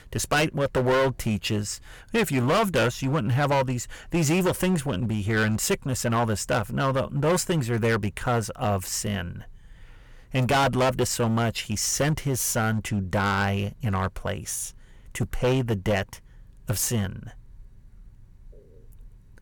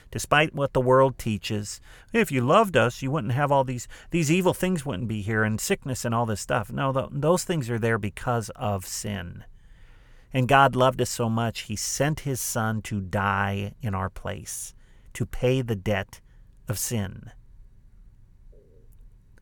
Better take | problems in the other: second | distortion; heavy; 9% of the sound clipped

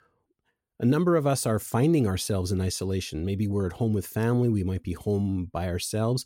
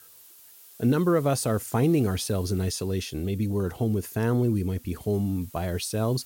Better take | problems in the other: first | hiss; faint; throughout; 20 dB below the speech

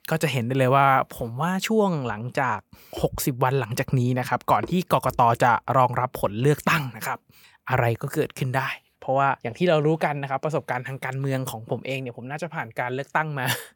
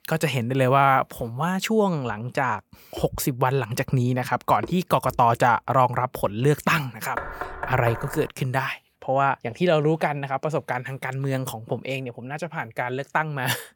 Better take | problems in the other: first | door banging; noticeable; from 7 to 8.5 s; peak 8 dB below the speech

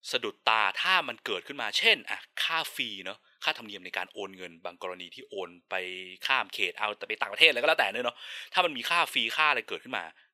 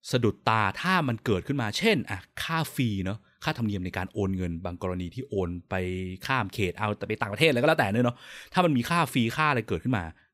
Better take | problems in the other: second | thin; very; fading below 600 Hz

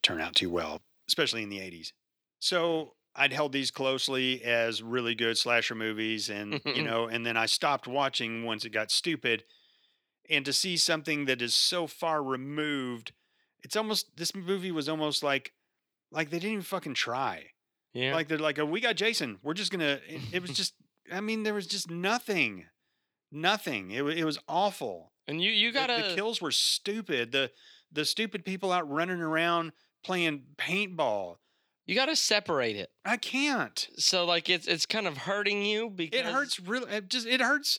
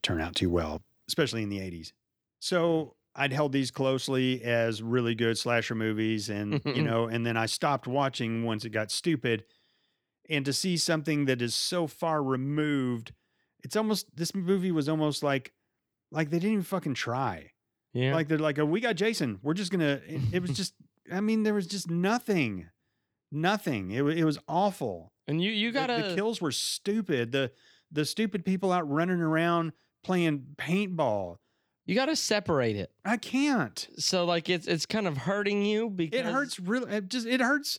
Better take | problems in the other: second | thin; very slightly; fading below 500 Hz

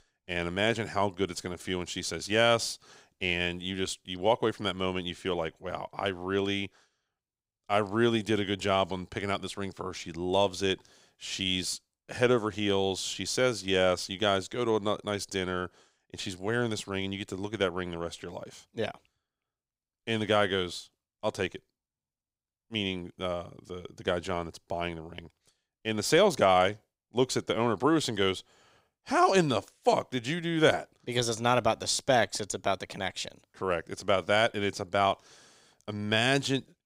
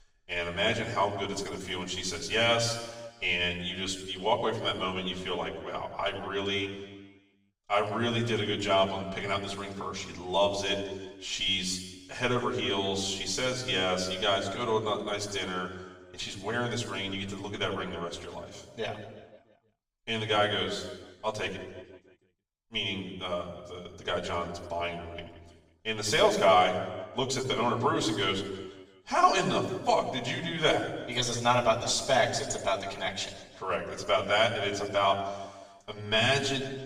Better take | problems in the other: first | room echo; noticeable; dies away in 1.1 s // off-mic speech; far

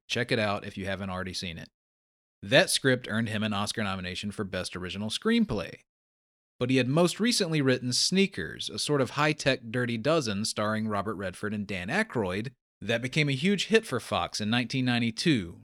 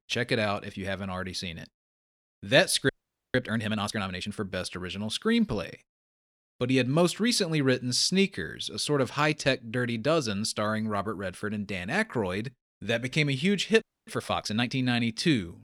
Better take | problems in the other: first | audio freezing; at 3 s and at 14 s

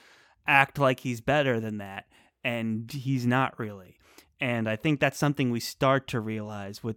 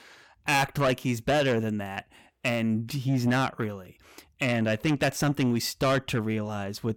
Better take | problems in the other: first | distortion; heavy; 7 dB below the speech

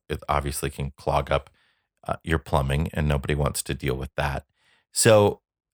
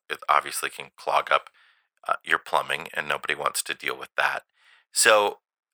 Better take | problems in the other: first | thin; very; fading below 600 Hz

